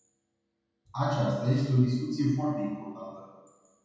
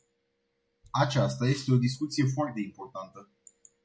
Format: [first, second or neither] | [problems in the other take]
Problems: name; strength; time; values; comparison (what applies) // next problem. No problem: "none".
second | room echo; dies away in 1.2 s